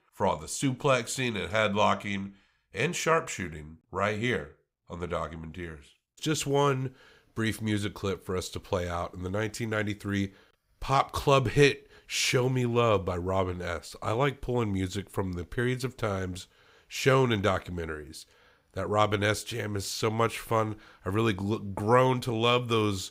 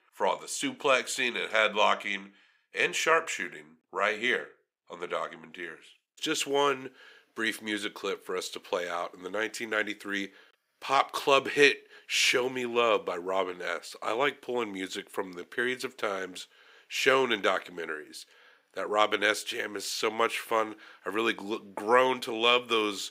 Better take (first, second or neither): first